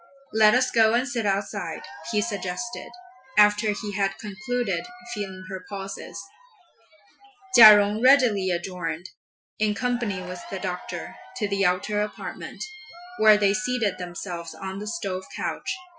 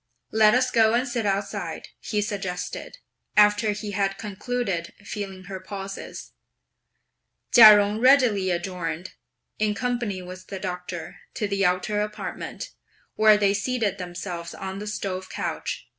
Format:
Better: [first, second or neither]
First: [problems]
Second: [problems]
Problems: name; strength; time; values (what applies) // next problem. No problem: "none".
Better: second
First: noise reduction (classical method Wiener filter)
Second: none